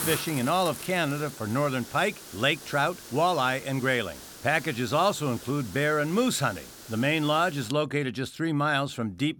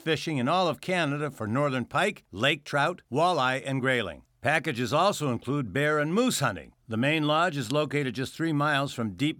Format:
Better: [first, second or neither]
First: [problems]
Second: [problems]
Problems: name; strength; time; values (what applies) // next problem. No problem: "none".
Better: second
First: hiss; noticeable; until 7.5 s; 15 dB below the speech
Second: none